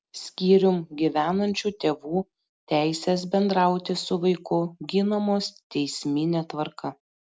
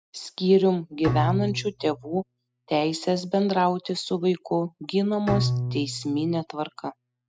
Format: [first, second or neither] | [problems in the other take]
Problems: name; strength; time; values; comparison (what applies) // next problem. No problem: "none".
first | noise reduction (classical method spectral subtraction)